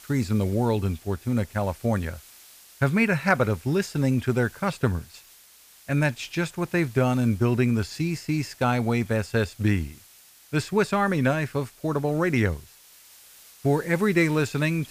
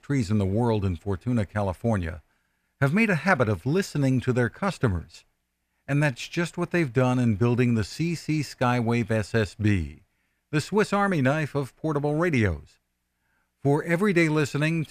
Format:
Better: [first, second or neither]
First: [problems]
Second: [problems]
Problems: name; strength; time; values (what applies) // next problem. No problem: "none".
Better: second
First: hiss; faint; throughout; 25 dB below the speech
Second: none